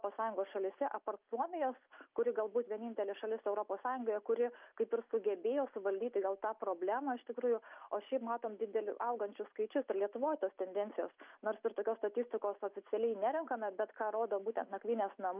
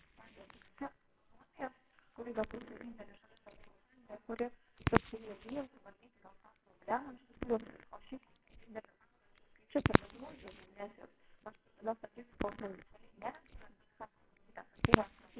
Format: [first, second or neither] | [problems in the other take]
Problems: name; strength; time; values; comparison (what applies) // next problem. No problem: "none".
first | noise reduction (neural separator model SepFormer WHAMR!)